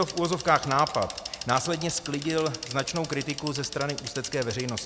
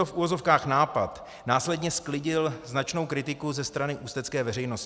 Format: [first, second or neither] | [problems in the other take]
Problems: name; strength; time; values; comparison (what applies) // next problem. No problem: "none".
second | background sound (Bicycle); 11 dB below the speech